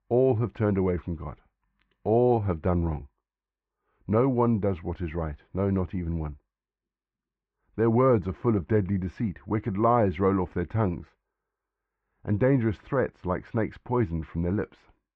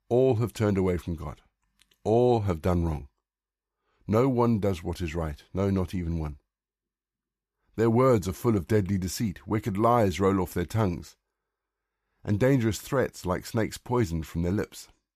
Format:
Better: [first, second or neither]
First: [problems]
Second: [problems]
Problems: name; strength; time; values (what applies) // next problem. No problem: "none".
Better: second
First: muffled; very; fading above 2 kHz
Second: none